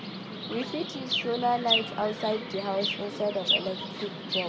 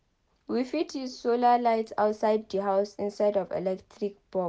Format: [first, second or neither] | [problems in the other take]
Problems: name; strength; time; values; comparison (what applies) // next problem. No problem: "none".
second | background sound (Chirp, tweet); 1 dB below the speech